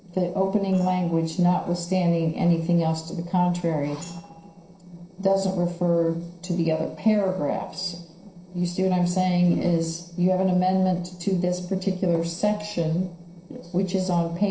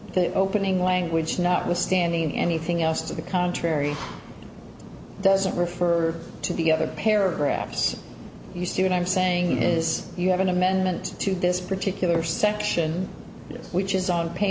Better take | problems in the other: second | noise reduction (neural separator model SepFormer DNS4)

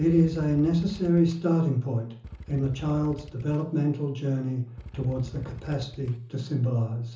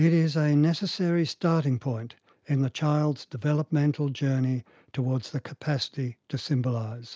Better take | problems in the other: second | background sound (Motorcycle / Engine); 18 dB below the speech // room echo; dies away in 0.8 s

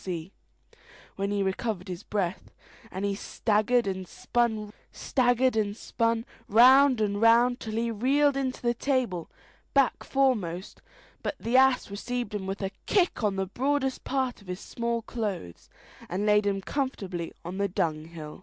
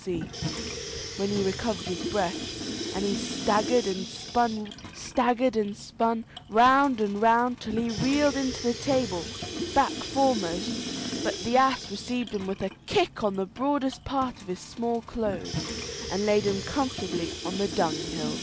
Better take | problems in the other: first | background sound (Sink (filling or washing) / Water tap, faucet); 8 dB below the speech

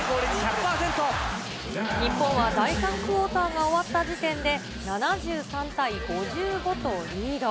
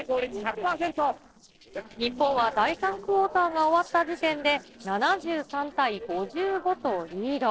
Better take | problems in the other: first | noise reduction (neural separator model SepFormer DNS4)

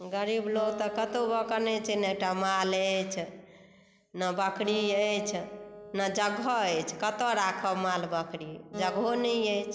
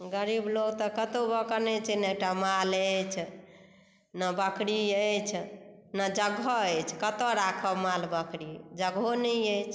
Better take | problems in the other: second | background sound (Acoustic guitar); 14 dB below the speech

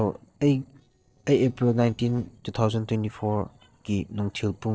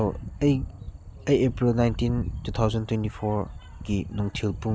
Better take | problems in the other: second | noise reduction (neural separator model SepFormer DNS4)

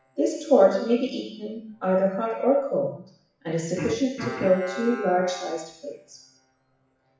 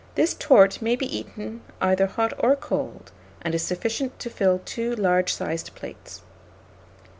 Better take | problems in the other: second | noise reduction (classical method WPE with log-MMSE)

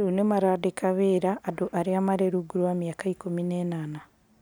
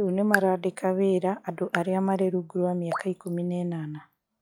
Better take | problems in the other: first | noise reduction (classical method log-MMSE)

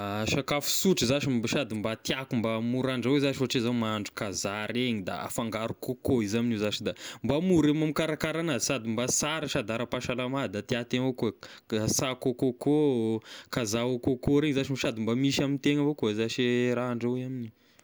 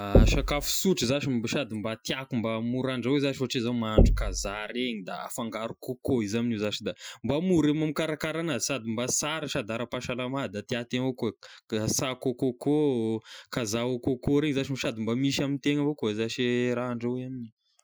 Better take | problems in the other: first | noise reduction (classical method Wiener filter)

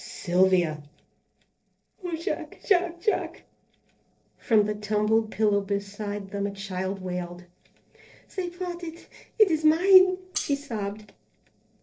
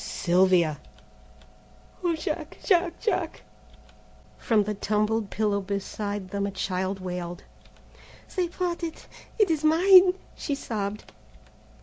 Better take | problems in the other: second | noise reduction (neural separator model SepFormer DNS4)

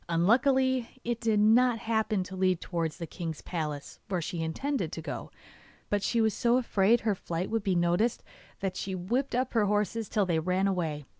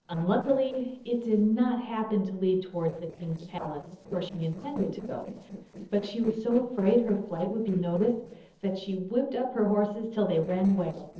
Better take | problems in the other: first | noise reduction (neural separator model SepFormer DNS4)

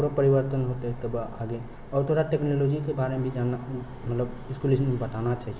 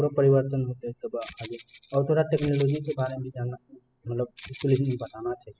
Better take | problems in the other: first | noise reduction (classical method spectral subtraction)

